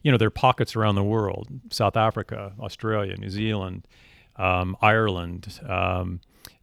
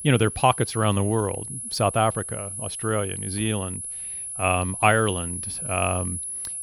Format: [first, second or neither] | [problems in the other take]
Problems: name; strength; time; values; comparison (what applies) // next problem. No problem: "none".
first | high-pitched whine; loud; throughout; 10.5 kHz, 6 dB below the speech